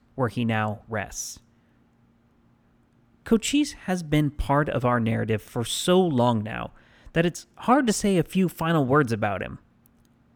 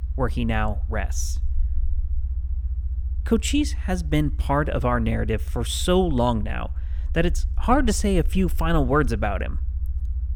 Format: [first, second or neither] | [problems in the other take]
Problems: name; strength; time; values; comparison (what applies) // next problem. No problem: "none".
first | low rumble; faint; throughout; 25 dB below the speech